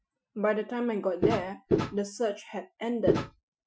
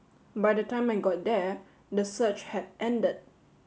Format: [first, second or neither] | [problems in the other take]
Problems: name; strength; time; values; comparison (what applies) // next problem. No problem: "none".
second | noise reduction (classical method Wiener filter)